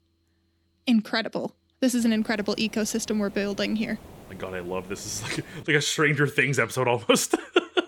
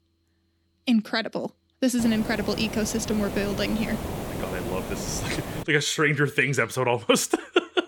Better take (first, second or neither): first